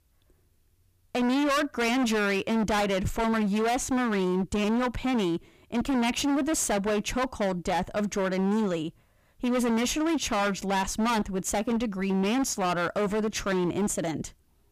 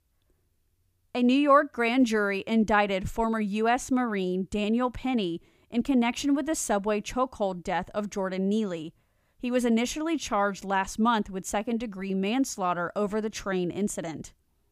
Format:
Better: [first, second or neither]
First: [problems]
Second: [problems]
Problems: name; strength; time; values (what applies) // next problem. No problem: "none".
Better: second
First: distortion; heavy; 29% of the sound clipped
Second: none